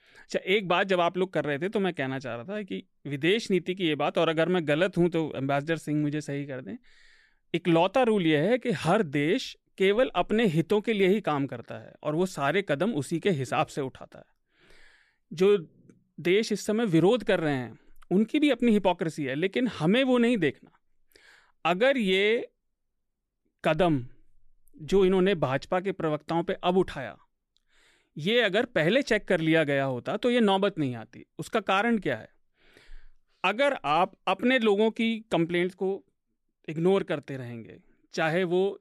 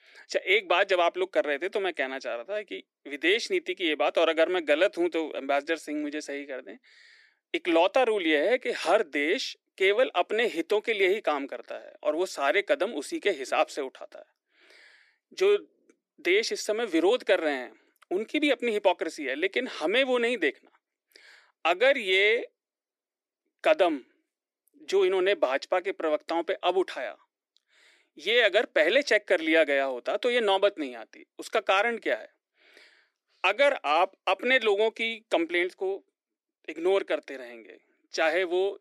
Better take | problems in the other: first | thin; somewhat; fading below 300 Hz

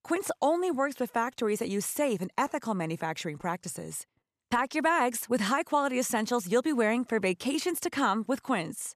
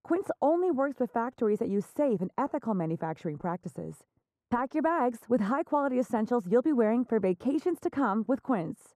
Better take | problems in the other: first | muffled; very; fading above 1.5 kHz

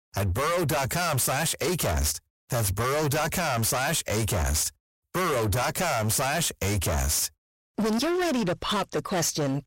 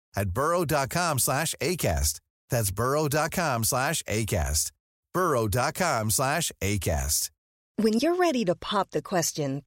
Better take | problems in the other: second | distortion; heavy; 32% of the sound clipped

